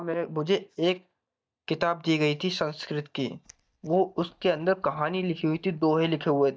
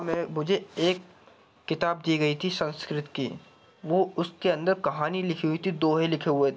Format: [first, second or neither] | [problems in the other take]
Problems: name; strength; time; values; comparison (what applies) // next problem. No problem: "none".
second | noise reduction (neural mask model DeepFilterNet 3)